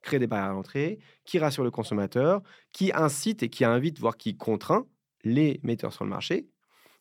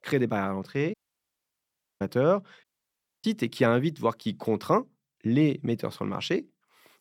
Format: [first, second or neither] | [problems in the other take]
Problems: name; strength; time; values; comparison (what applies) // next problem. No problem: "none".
first | audio cutting out; at 1 s for 1 s and at 2.5 s for 0.5 s